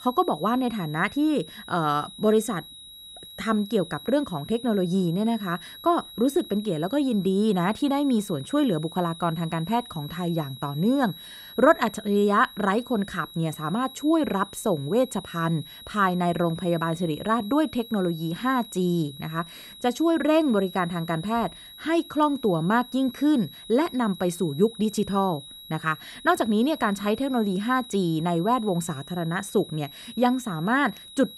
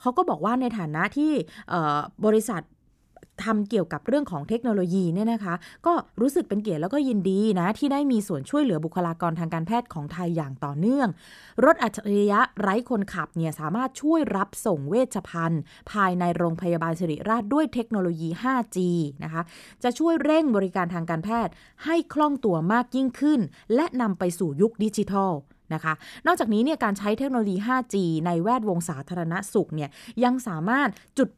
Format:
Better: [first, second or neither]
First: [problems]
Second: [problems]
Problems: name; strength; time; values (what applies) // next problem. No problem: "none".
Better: second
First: high-pitched whine; noticeable; throughout; 4 kHz, 15 dB below the speech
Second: none